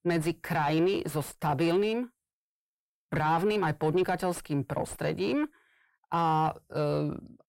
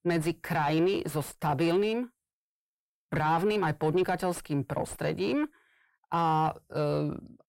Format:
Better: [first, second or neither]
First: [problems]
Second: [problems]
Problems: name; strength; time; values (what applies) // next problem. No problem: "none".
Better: neither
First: distortion; slight; 10 dB below the speech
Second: distortion; slight; 10 dB below the speech